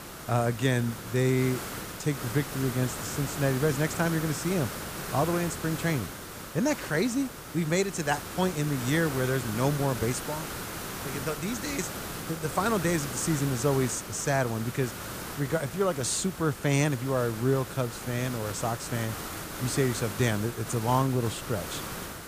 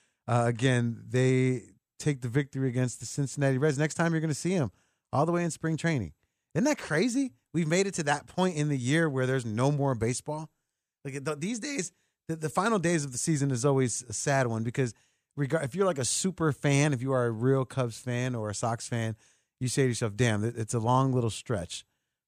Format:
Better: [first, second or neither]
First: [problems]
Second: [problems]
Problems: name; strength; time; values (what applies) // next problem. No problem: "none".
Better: second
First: hiss; loud; throughout; 8 dB below the speech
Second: none